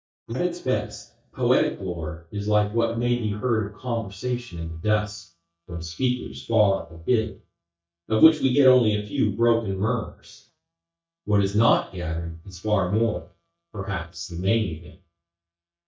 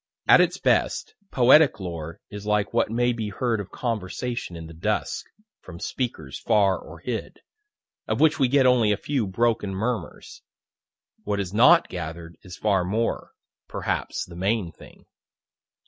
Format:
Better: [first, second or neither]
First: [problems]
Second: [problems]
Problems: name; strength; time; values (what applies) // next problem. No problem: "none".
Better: second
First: noise reduction (neural mask model DeepFilterNet 3)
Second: none